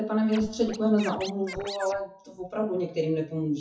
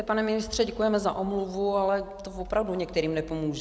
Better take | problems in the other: second | noise reduction (classical method WPE with log-MMSE)

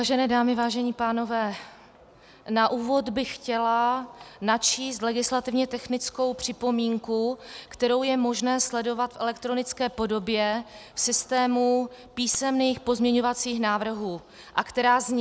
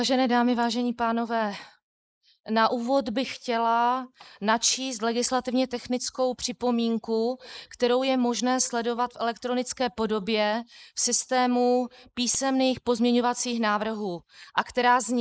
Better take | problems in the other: first | noise reduction (neural mask model Resemble Enhance denoiser)

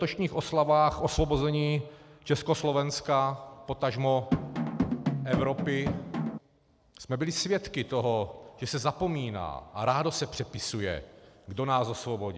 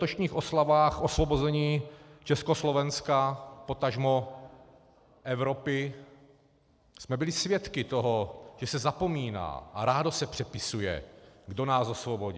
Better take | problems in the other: second | background sound (Drum); 1 dB below the speech

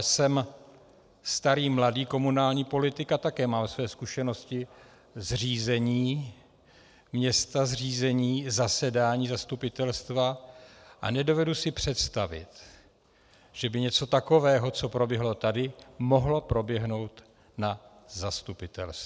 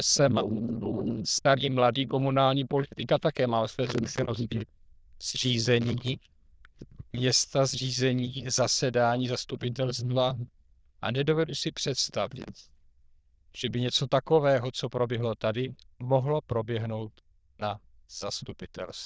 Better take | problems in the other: first | noise reduction (neural diffusion model UNIVERSE++)

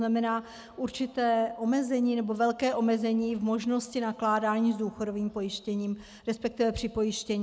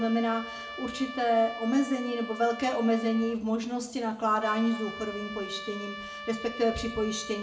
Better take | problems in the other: first | background sound (Trumpet); 12 dB below the speech // room echo; dies away in 0.4 s

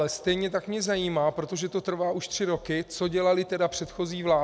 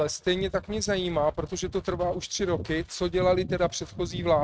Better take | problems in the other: first | noise reduction (neural mask model RNNoise)

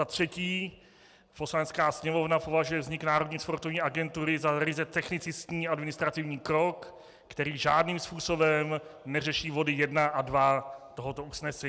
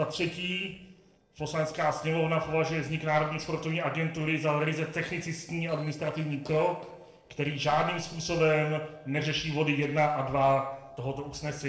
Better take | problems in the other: first | noise reduction (neural separator model SepFormer DNS4)

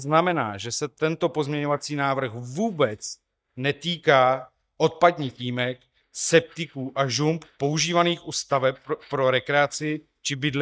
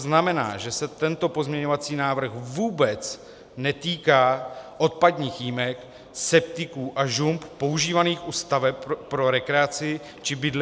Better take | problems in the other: second | noise reduction (neural mask model DeepFilterNet 3)

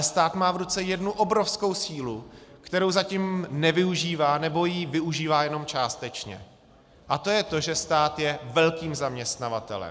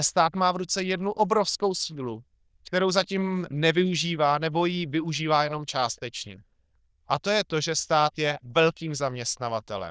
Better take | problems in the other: first | noise reduction (neural diffusion model UNIVERSE++)

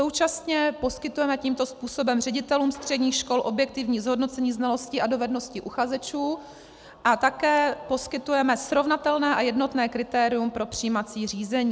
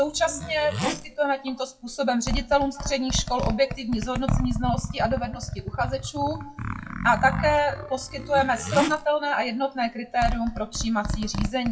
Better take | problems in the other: first | noise reduction (classical method WPE with log-MMSE)

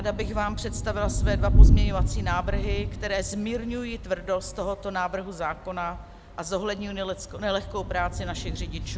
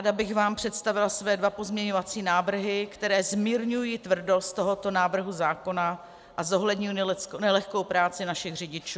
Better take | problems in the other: second | background sound (Thunder / Rain); 5 dB above the speech

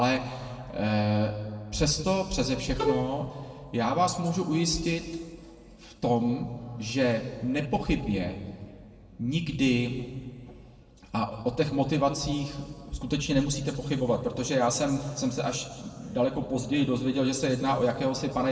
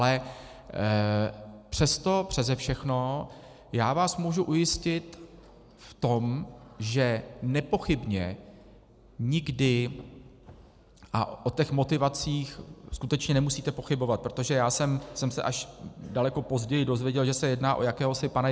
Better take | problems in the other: second | background sound (Bowed string instrument); 4 dB below the speech // room echo; dies away in 1.4 s

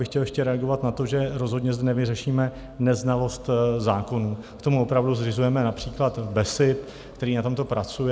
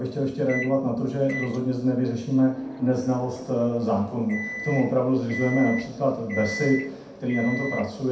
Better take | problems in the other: first | background sound (Microwave oven); 12 dB below the speech // room echo; dies away in 0.6 s

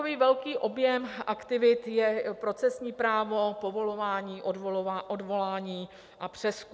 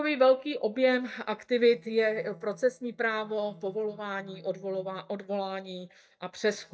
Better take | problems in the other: first | noise reduction (neural mask model DeepFilterNet 3)

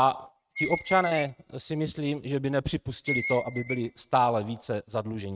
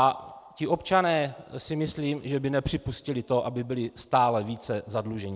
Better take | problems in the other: second | noise reduction (neural mask model RNNoise)

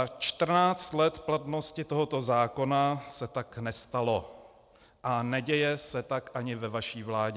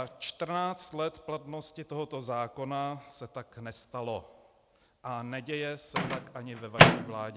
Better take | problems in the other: first | background sound (Microwave oven); 4 dB above the speech

